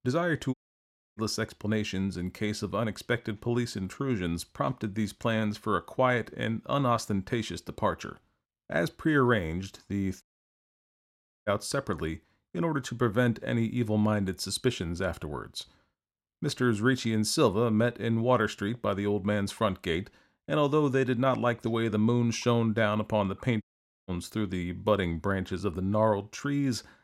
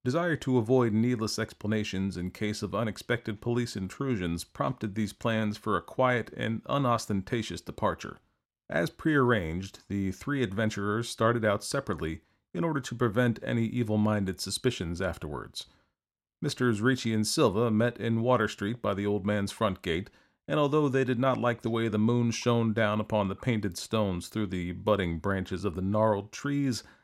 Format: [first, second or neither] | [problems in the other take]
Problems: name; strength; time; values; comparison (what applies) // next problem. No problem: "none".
second | audio cutting out; at 0.5 s for 0.5 s, at 10 s for 1 s and at 24 s